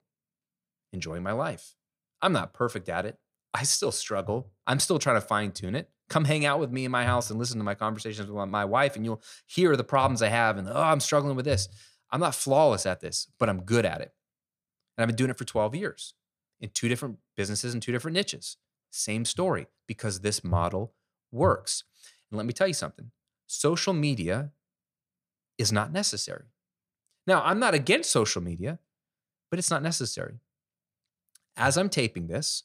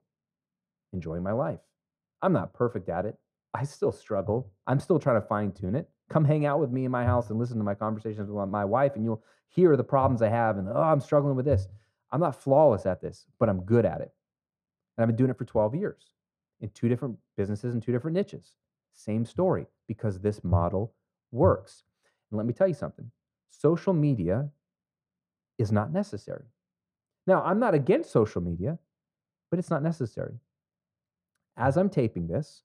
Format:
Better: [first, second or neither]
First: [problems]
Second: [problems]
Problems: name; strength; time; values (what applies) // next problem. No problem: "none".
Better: first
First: none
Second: muffled; very; fading above 2 kHz